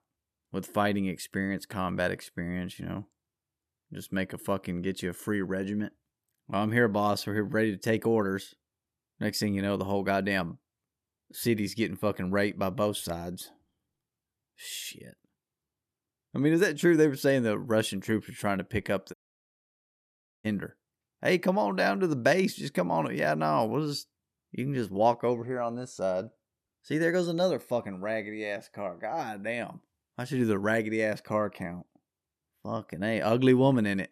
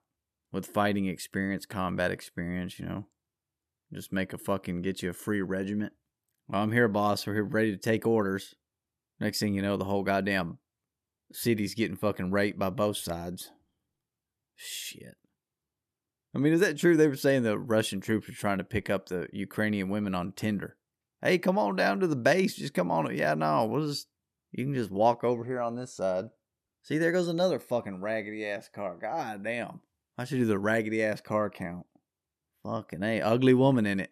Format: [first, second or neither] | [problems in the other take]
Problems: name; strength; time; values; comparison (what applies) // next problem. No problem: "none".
second | audio cutting out; at 19 s for 1.5 s